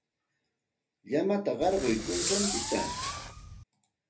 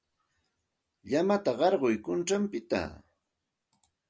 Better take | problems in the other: second | background sound (Fireworks); 2 dB below the speech // room echo; dies away in 0.3 s

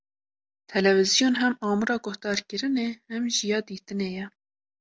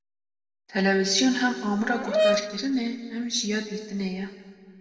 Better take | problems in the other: first | background sound (Brass instrument); as loud as the speech // room echo; dies away in 1.7 s

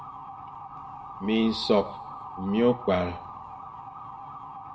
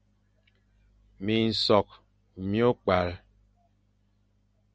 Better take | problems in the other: second | background sound (Motor vehicle (road) / Siren); 11 dB below the speech // room echo; dies away in 0.6 s

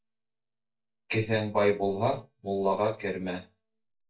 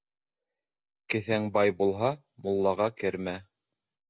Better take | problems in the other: second | noise reduction (neural mask model DeepFilterNet 3)

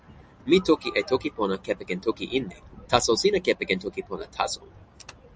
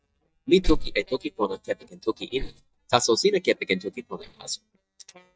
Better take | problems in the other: first | noise reduction (neural mask model DeepFilterNet 3)

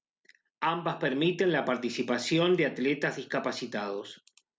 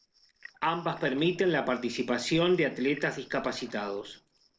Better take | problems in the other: first | noise reduction (neural separator model SepFormer DNS4)

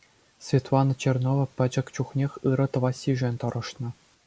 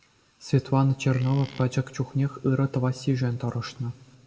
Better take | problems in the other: first | background sound (Livestock, farm animals, working animals); 20 dB below the speech // room echo; dies away in 0.8 s

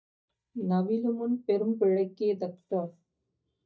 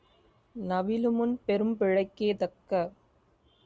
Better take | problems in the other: second | noise reduction (neural mask model DeepFilterNet 3)

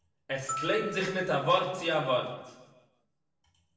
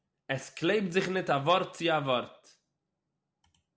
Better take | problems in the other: second | background sound (Glockenspiel); 11 dB below the speech // room echo; dies away in 0.9 s

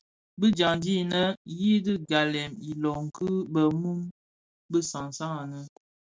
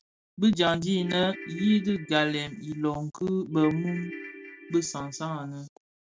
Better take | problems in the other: first | background sound (Ringtone / Keyboard (musical)); 14 dB below the speech

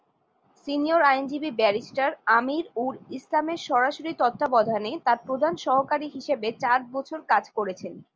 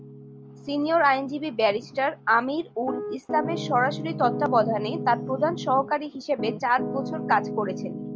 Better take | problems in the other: first | background sound (Piano); 8 dB below the speech

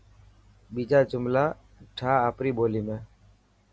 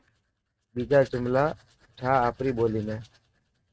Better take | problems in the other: first | noise reduction (neural mask model RNNoise)

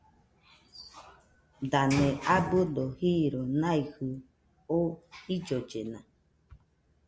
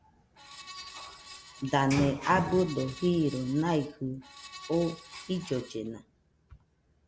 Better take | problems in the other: first | background sound (Screech); 17 dB below the speech

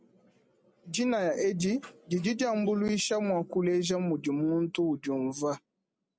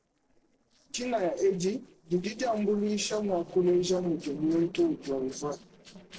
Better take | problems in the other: first | noise reduction (neural separator model SepFormer DNS4)

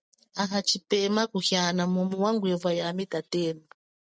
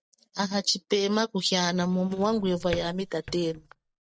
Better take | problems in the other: first | background sound (Drawer open or close); 17 dB below the speech

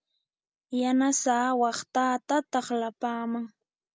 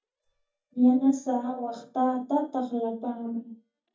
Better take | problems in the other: first | noise reduction (neural mask model DeepFilterNet 3)

